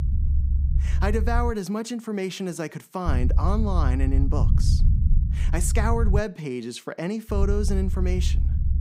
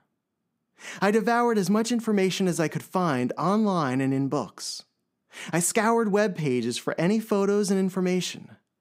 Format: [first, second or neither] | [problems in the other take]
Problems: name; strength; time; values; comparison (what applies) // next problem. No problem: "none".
second | low rumble; noticeable; until 1.5 s, from 3 to 6 s and from 7.5 s on; 10 dB below the speech